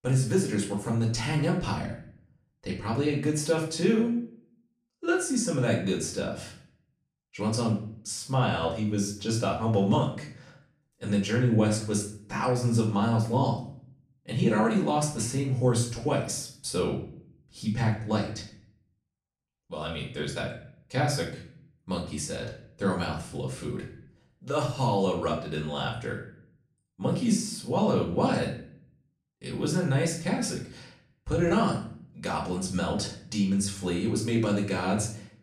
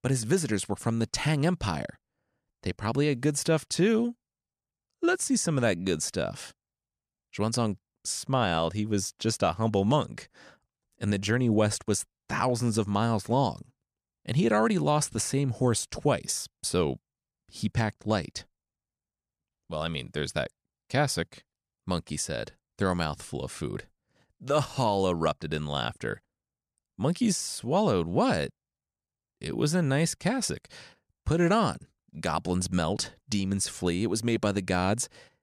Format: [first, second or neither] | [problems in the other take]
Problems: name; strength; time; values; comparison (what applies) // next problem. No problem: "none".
second | off-mic speech; far // room echo; slight; dies away in 0.5 s